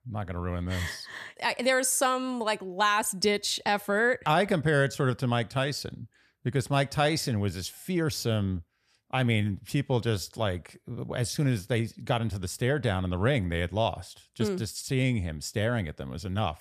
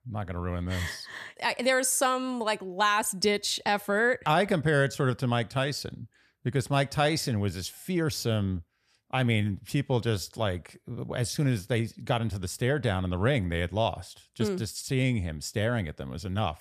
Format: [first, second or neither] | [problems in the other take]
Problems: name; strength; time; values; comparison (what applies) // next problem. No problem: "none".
neither | none